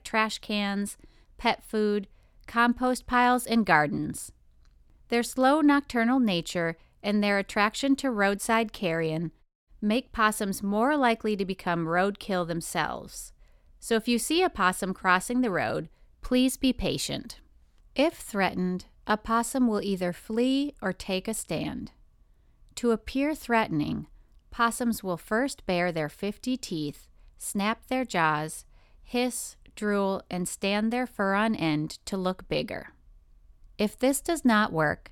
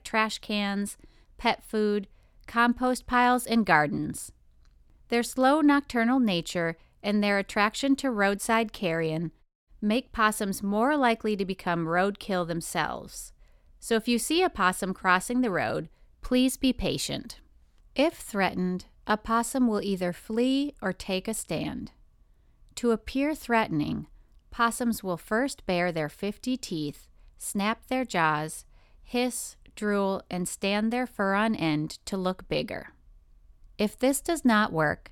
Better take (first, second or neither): neither